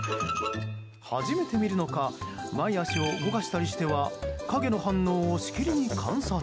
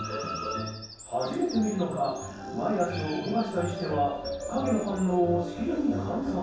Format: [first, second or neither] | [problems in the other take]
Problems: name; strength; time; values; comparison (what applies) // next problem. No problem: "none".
first | background sound (Bird vocalization, bird call, bird song); 19 dB below the speech // room echo; dies away in 0.7 s